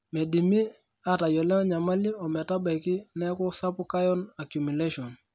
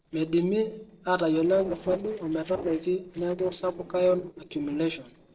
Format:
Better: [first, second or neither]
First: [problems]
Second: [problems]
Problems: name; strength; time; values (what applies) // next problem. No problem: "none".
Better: first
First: none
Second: noise reduction (neural separator model SepFormer DNS4)